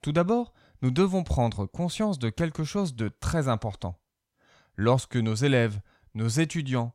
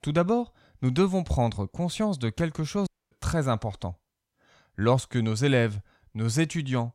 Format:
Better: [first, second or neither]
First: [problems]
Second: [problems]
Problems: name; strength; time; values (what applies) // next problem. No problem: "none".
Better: first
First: none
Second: audio cutting out; at 3 s